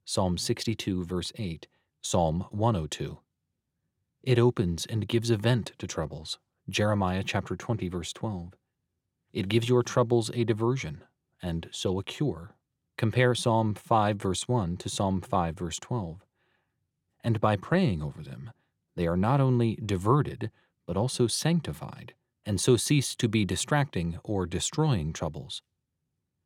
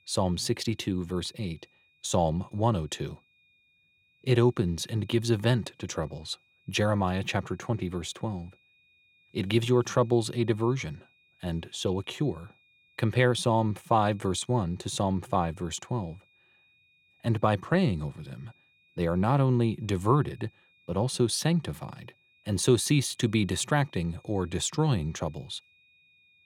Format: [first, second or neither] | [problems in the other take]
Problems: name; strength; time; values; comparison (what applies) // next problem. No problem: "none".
first | high-pitched whine; faint; throughout; 2.5 kHz, 35 dB below the speech